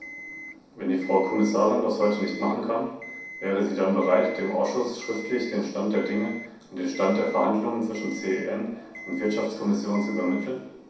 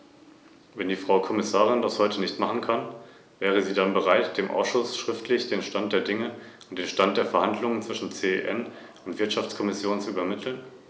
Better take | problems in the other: second | background sound (Alarm); 16 dB below the speech // room echo; dies away in 0.7 s

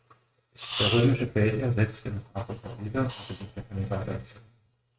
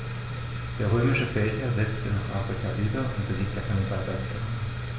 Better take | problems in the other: second | noise reduction (neural mask model RNNoise)

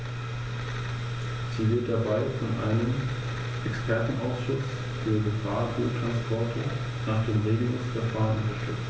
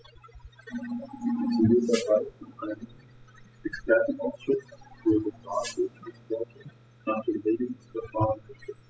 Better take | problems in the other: first | noise reduction (classical method spectral subtraction)

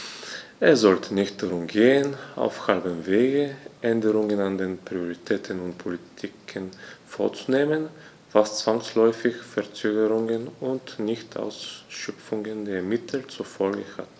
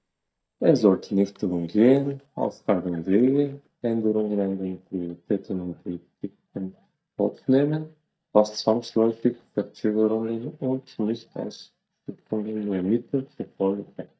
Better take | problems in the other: first | noise reduction (neural mask model DeepFilterNet 3)

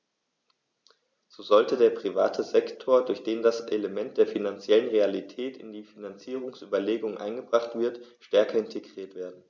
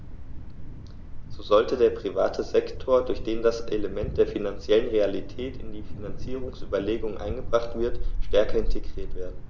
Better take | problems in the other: first | background sound (Thunder); 2 dB below the speech

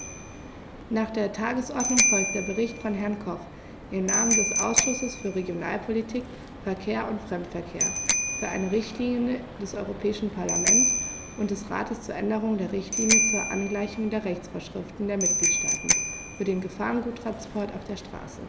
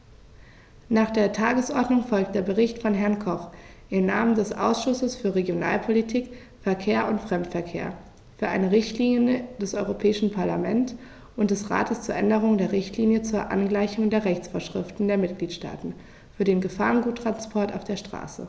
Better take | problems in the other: second | background sound (Bicycle bell); as loud as the speech

